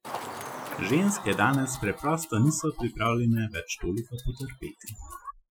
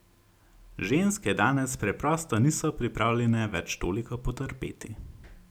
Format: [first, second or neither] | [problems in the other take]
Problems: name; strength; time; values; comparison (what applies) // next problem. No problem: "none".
second | noise reduction (classical method Wiener filter)